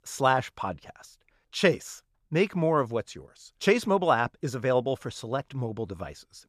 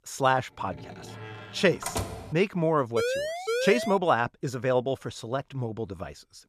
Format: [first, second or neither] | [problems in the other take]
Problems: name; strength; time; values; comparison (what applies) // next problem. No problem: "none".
first | door banging; noticeable; from 0.5 to 2.5 s; peak 5 dB below the speech // siren; noticeable; from 3 to 4 s; peak 1 dB below the speech